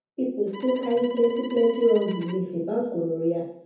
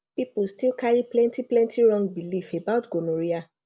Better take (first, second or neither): second